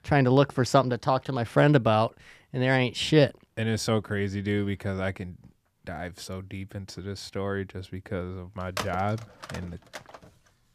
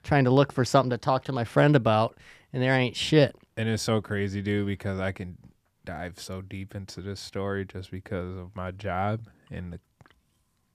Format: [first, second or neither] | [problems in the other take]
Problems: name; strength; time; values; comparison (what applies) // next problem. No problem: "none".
second | phone ringing; noticeable; from 9 to 10 s; peak 8 dB below the speech